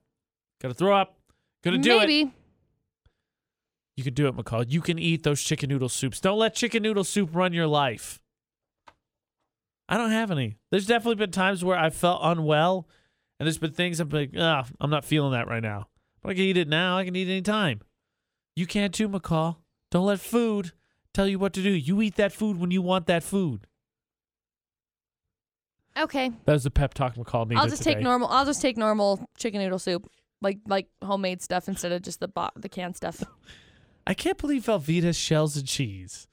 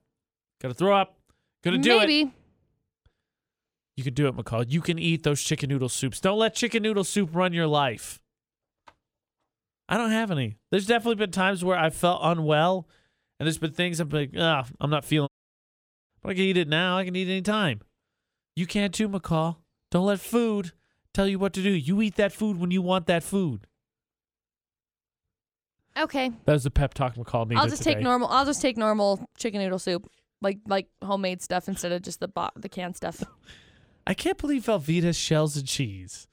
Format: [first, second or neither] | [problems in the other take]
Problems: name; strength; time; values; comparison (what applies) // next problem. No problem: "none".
first | audio cutting out; at 15 s for 1 s